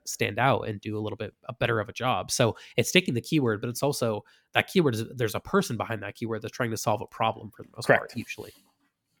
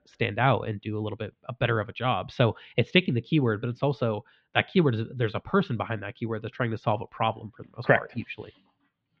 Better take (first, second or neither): first